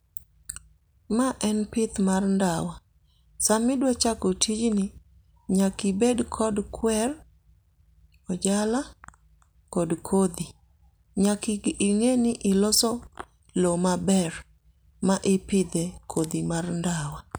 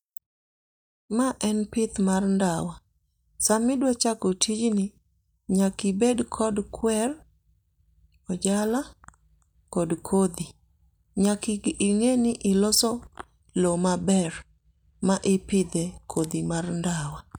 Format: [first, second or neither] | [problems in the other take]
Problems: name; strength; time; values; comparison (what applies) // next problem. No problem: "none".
first | noise reduction (neural mask model DeepFilterNet 3)